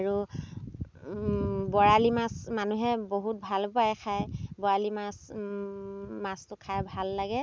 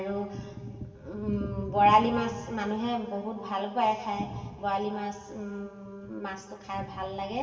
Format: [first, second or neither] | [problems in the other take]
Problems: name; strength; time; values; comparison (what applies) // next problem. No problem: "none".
first | room echo; dies away in 2.7 s